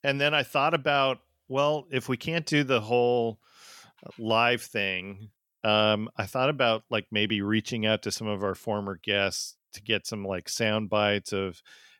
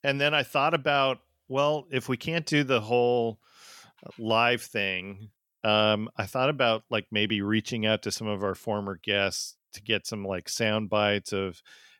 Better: neither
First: none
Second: none

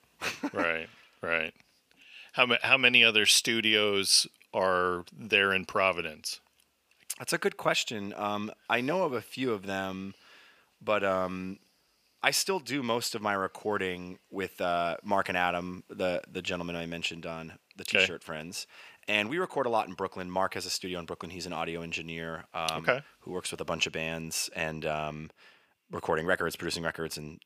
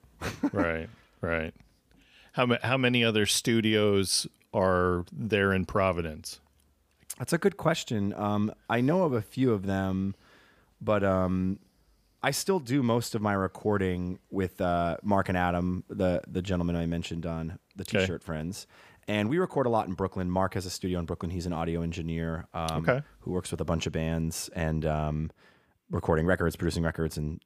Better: second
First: thin; somewhat; fading below 650 Hz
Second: none

